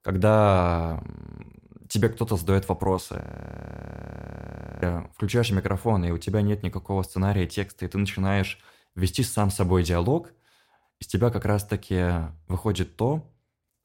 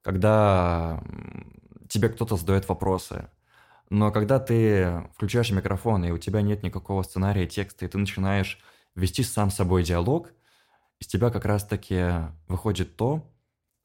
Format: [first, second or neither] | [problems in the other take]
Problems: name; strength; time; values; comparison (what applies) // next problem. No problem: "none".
second | audio freezing; at 1 s and at 3 s for 1.5 s